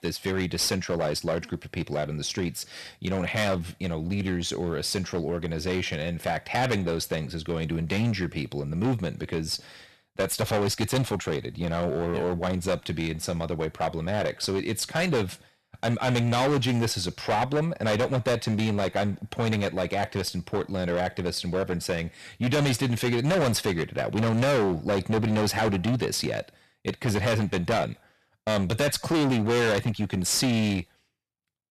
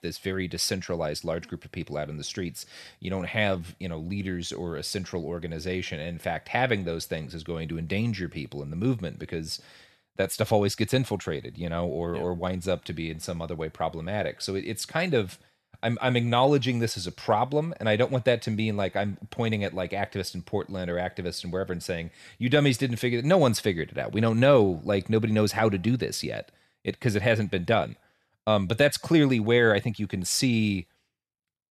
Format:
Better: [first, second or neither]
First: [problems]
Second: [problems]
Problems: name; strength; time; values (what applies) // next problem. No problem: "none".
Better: second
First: distortion; heavy; 16% of the sound clipped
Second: none